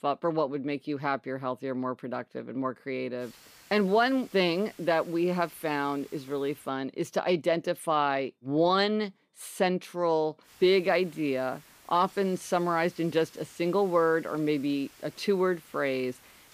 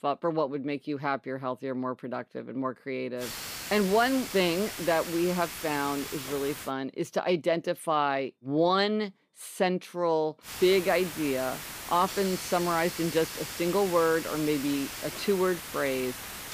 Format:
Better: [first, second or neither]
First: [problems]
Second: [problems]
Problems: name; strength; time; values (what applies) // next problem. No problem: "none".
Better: first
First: hiss; faint; from 3 to 6.5 s and from 10 s on; 25 dB below the speech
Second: hiss; loud; from 3 to 6.5 s and from 10 s on; 8 dB below the speech